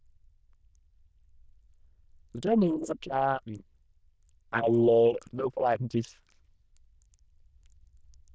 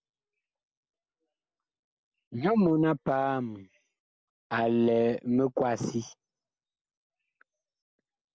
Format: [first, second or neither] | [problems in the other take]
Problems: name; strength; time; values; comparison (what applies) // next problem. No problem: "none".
second | noise reduction (neural diffusion model UNIVERSE++)